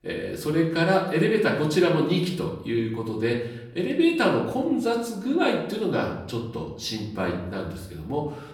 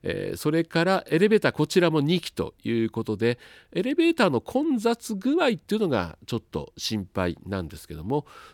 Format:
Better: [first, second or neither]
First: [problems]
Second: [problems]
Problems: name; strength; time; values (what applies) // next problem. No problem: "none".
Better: second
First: off-mic speech; far // room echo; slight; dies away in 0.7 s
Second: none